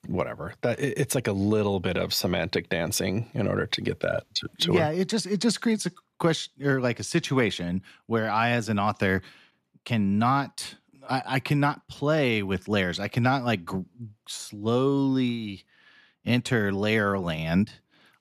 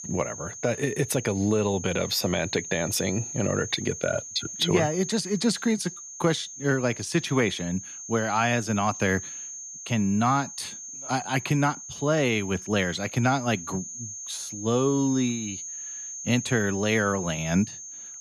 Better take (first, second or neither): first